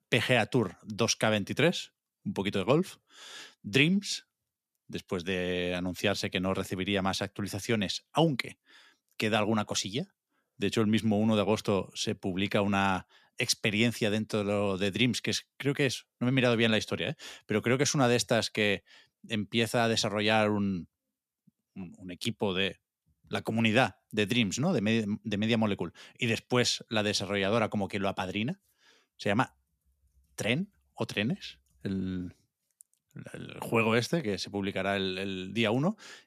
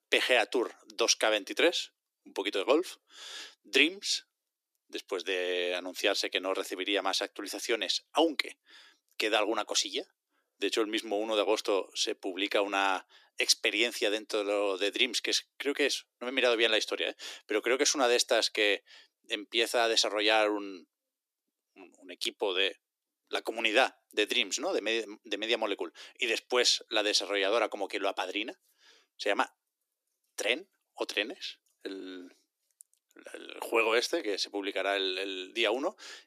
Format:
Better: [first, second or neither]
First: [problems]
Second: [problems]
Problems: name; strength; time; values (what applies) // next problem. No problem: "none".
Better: first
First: none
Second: thin; very; fading below 300 Hz